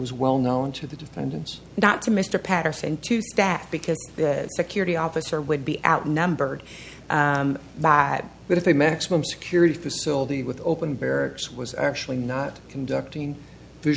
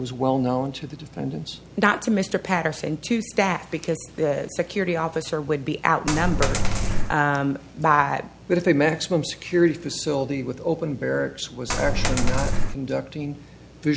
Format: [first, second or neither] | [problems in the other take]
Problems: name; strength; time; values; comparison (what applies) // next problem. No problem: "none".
first | background sound (Coin (dropping)); 4 dB above the speech